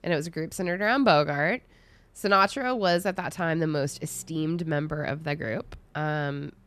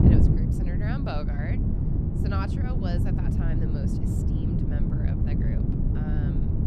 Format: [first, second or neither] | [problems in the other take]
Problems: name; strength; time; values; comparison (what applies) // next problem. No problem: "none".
first | wind noise on the microphone; heavy; 4 dB above the speech